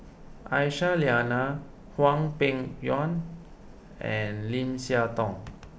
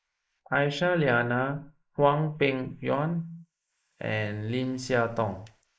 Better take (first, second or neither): first